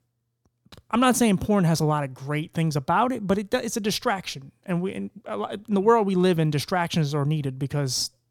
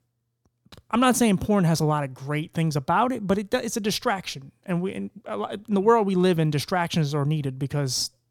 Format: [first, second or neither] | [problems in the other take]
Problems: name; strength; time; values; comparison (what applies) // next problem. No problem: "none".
neither | none